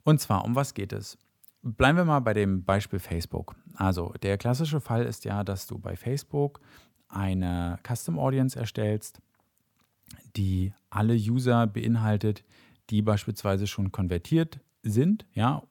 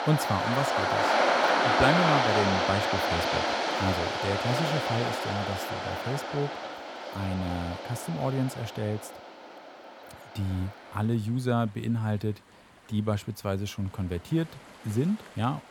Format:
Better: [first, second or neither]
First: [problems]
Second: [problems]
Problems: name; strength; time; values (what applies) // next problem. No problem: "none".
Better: first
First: none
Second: rain or running water; very loud; throughout; 3 dB above the speech